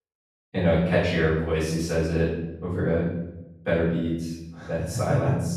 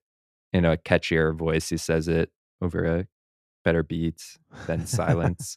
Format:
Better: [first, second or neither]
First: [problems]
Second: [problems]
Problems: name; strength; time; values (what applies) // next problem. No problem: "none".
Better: second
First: off-mic speech; far // room echo; noticeable; dies away in 0.8 s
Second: none